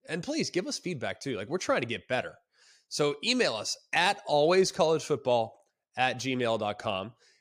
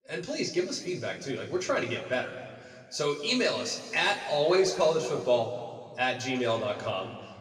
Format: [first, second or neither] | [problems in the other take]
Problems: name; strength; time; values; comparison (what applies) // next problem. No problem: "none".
first | room echo; noticeable; dies away in 2 s // off-mic speech; somewhat distant